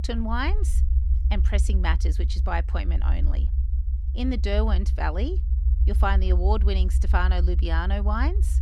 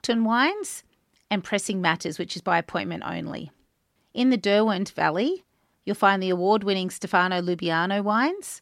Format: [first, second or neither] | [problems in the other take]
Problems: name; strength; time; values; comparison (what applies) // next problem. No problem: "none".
second | low rumble; noticeable; throughout; 15 dB below the speech